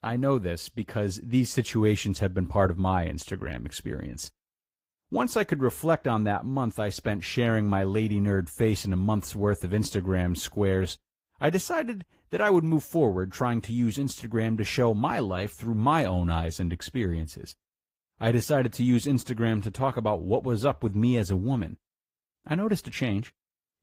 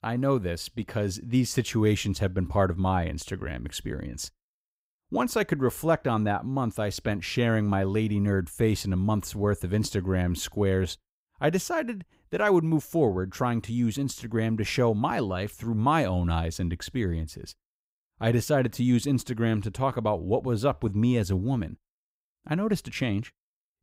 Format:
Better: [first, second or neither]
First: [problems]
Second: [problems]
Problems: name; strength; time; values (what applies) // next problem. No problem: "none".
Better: second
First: garbled, watery; slightly; nothing above 15.5 kHz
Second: none